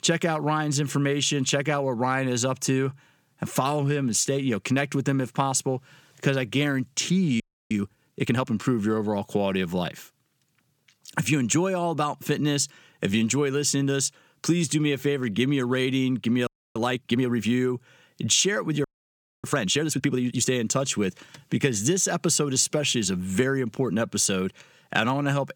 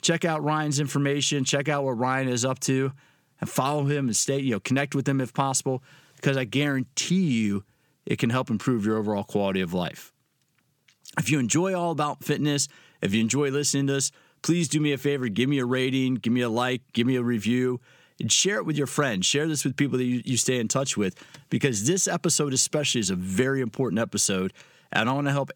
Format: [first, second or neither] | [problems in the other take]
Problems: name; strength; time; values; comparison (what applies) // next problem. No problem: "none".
second | audio freezing; at 7.5 s, at 16 s and at 19 s for 0.5 s